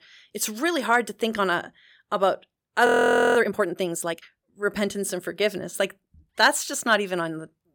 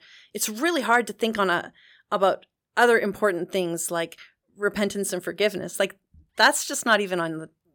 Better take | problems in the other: second | audio freezing; at 3 s

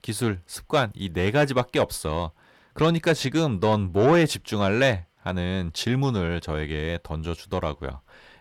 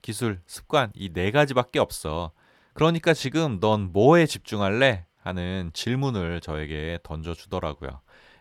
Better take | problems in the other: second | distortion; slight; 10 dB below the speech

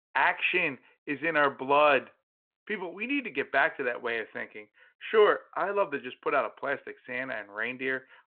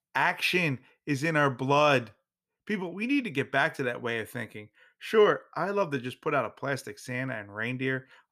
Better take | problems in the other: second | phone-call audio

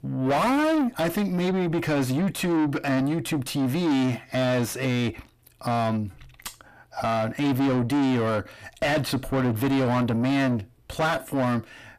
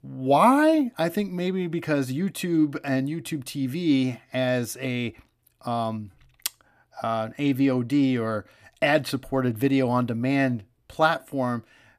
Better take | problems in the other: second | distortion; heavy; 5 dB below the speech

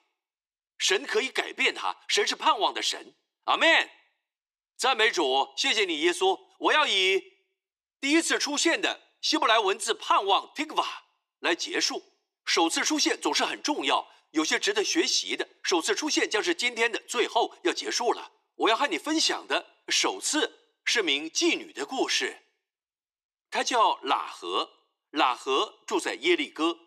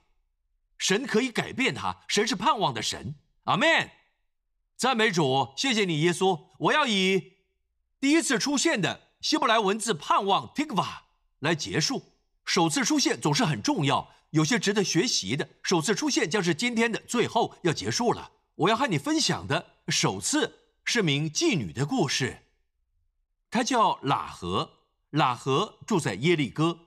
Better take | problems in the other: second | thin; somewhat; fading below 300 Hz

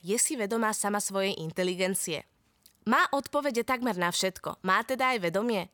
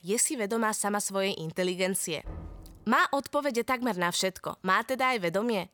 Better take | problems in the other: first | door banging; faint; at 2 s; peak 15 dB below the speech

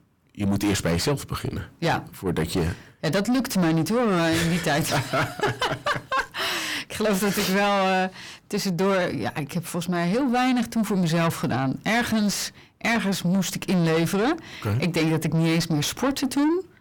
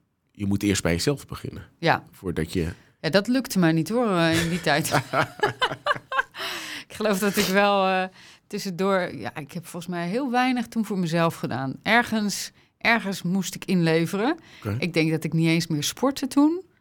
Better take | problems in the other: second | distortion; heavy; 6 dB below the speech

